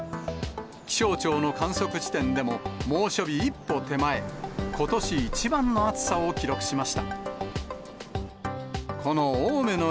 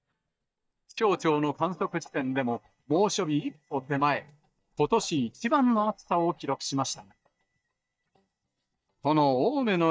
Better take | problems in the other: first | noise reduction (neural mask model DeepFilterNet 3)

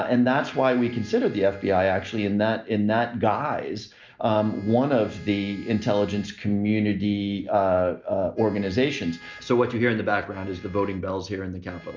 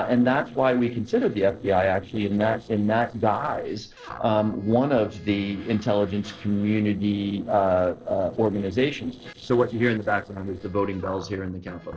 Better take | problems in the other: first | noise reduction (neural separator model SepFormer DNS4)

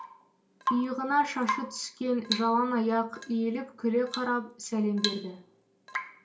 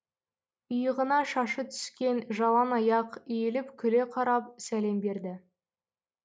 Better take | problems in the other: second | background sound (Drip / Water tap, faucet / Rain); 8 dB below the speech // room echo; dies away in 0.2 s

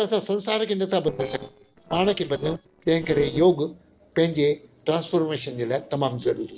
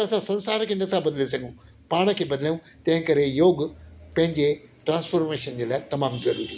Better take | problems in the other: second | noise reduction (neural separator model SepFormer DNS4)

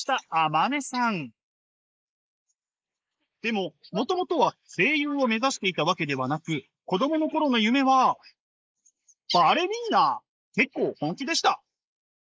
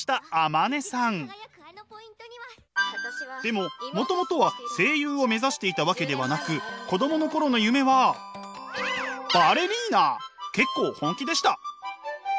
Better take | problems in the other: second | noise reduction (neural mask model Resemble Enhance denoiser)

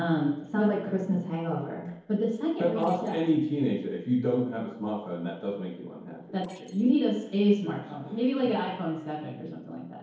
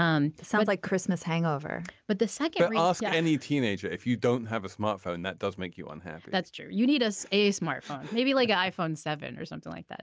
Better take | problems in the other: second | noise reduction (neural separator model SepFormer DNS4)

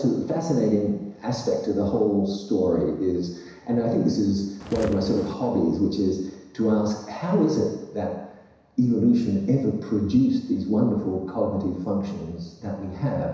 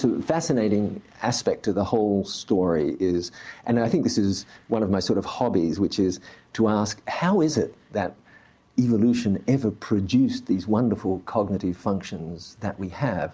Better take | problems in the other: second | background sound (Walk, footsteps); 11 dB below the speech // room echo; dies away in 1 s

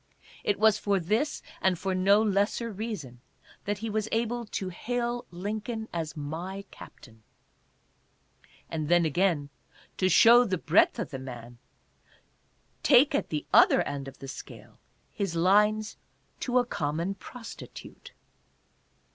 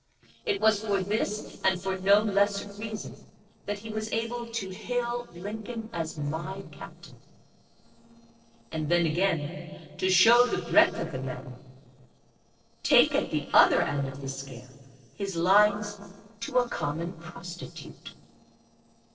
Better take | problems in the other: first | noise reduction (neural separator model SepFormer DNS4)

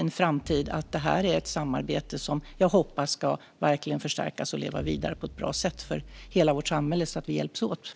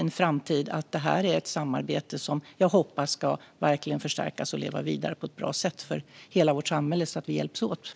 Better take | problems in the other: second | background sound (Explosion); 17 dB below the speech

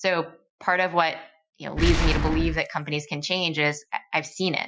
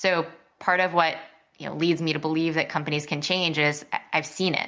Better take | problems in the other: second | noise reduction (classical method Wiener filter)

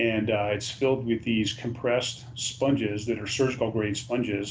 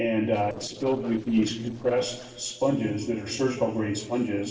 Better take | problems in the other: first | noise reduction (neural separator model SepFormer DNS4)

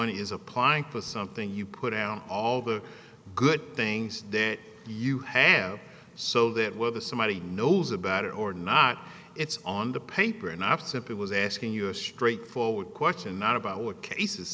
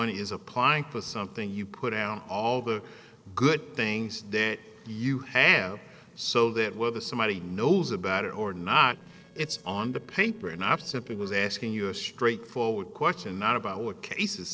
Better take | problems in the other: first | noise reduction (neural separator model SepFormer DNS4)

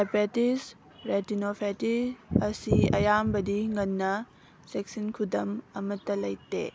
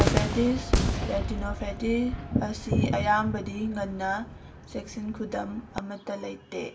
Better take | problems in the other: first | background sound (Cheering / Fireworks); 2 dB below the speech // room echo; dies away in 0.4 s

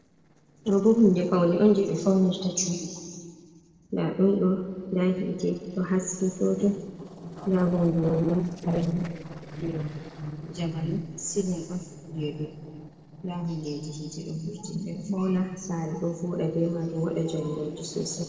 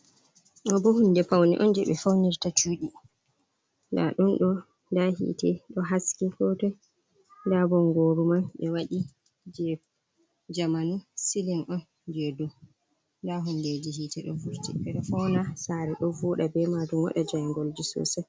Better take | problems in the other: second | noise reduction (neural separator model SepFormer DNS4)

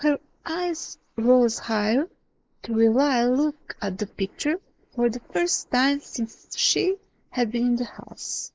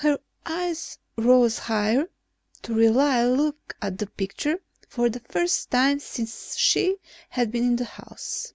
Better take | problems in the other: second | noise reduction (neural mask model Resemble Enhance denoiser)

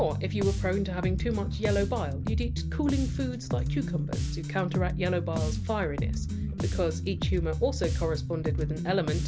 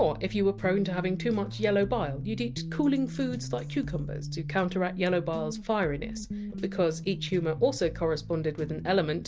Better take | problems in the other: second | background sound (Bass guitar); as loud as the speech

